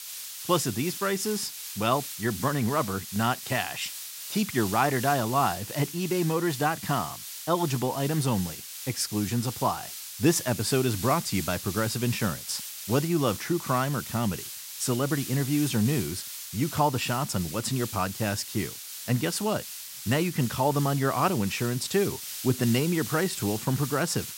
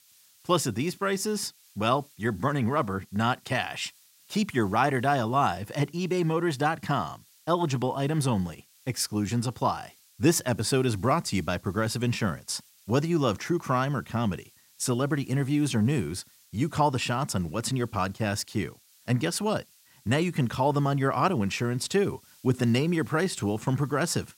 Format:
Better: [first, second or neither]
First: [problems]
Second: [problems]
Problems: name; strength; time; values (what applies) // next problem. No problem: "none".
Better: second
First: hiss; loud; throughout; 8 dB below the speech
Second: hiss; faint; throughout; 30 dB below the speech